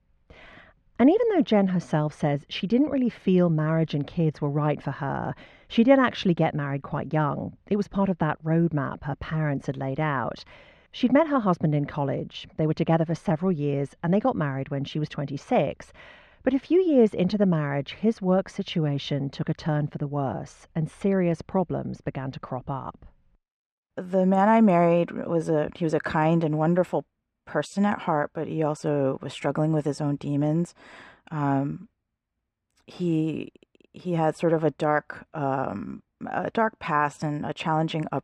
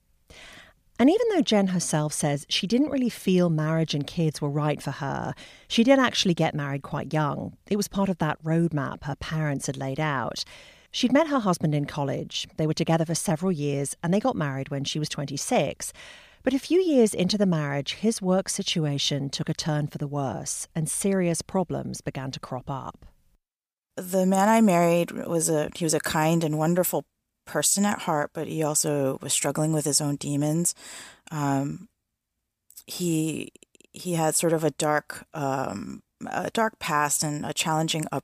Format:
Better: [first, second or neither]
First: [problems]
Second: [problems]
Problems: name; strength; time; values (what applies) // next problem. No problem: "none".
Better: second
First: muffled; very; fading above 2 kHz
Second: none